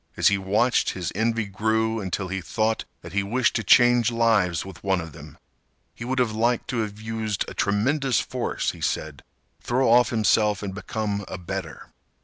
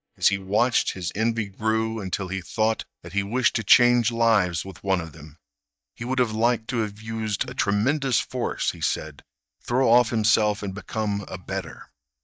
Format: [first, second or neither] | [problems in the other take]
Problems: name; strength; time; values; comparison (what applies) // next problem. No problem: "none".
first | noise reduction (neural mask model DeepFilterNet 3)